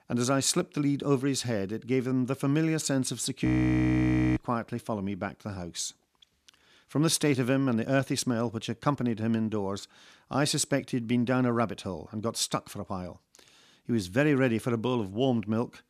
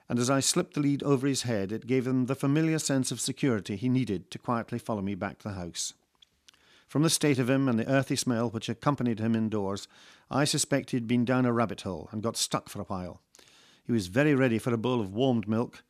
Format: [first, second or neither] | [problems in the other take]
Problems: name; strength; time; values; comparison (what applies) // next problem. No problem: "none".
second | audio freezing; at 3.5 s for 1 s